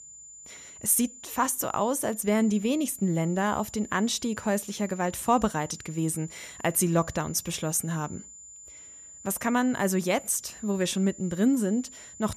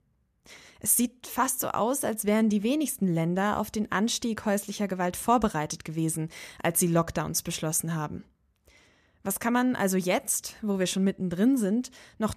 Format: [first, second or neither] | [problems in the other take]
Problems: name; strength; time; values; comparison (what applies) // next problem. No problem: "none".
second | high-pitched whine; noticeable; throughout; 7 kHz, 15 dB below the speech